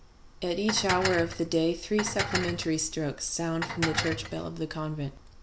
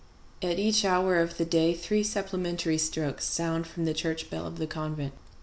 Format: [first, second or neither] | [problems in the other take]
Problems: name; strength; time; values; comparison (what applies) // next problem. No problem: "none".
second | background sound (Dishes, pots, and pans); 4 dB below the speech